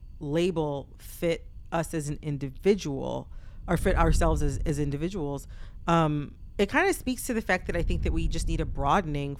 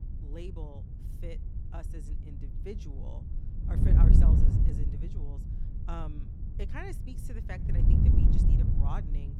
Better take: first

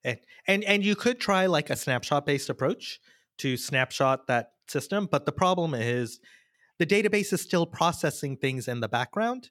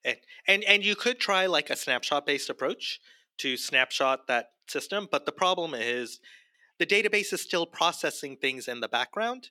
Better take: first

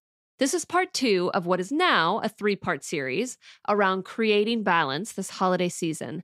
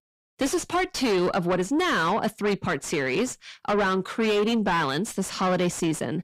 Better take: first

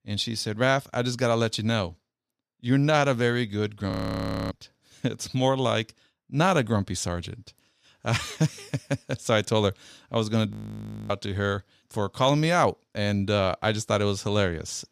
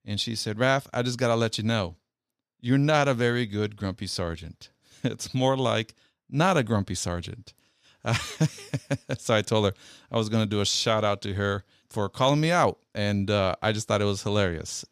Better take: second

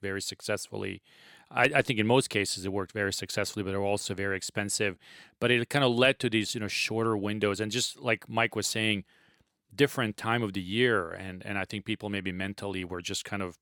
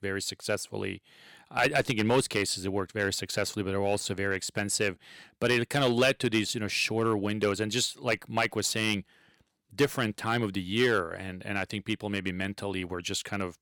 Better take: first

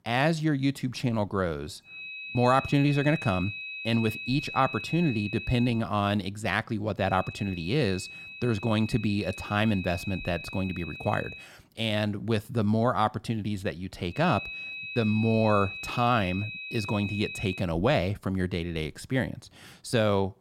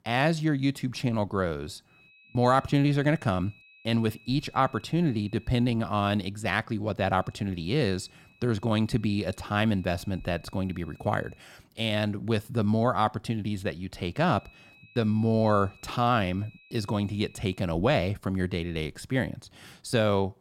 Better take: second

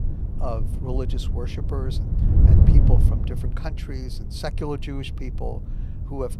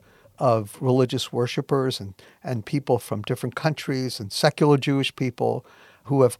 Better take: second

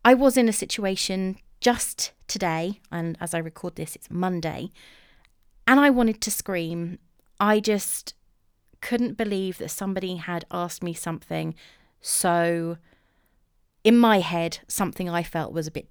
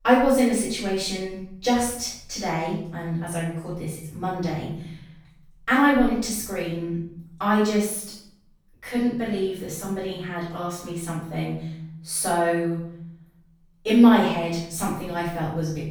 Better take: first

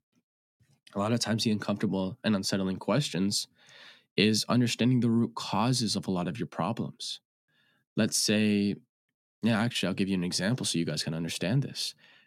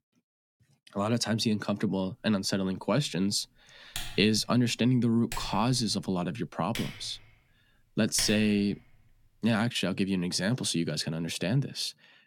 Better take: first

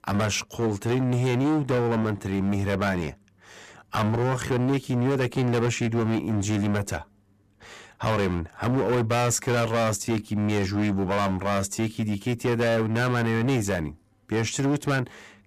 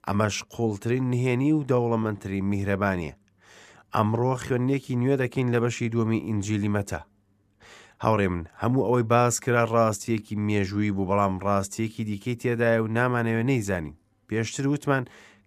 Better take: second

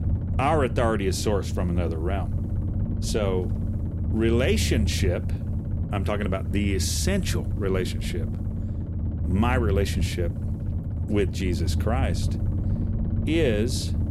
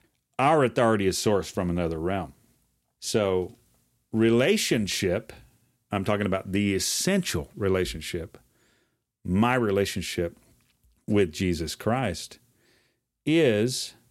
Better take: second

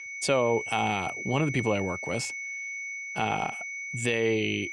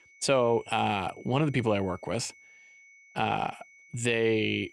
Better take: second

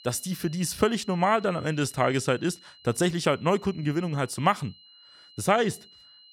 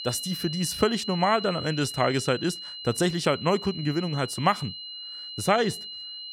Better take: first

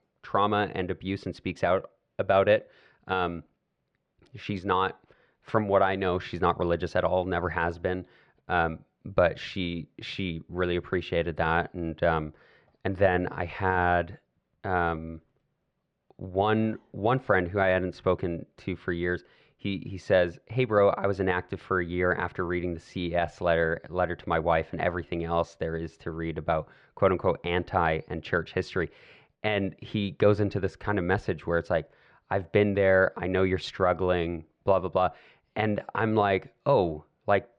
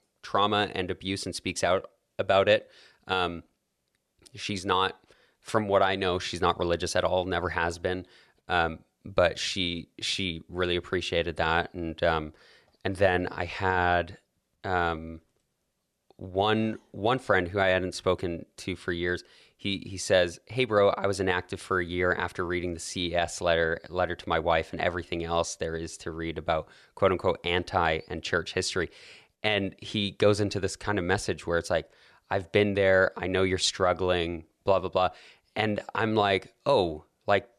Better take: second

